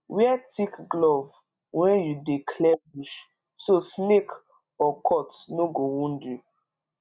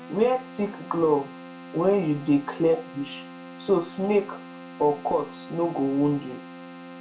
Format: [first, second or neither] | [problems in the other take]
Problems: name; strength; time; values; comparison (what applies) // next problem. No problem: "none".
first | background sound (Keyboard (musical)); 16 dB below the speech // room echo; dies away in 0.2 s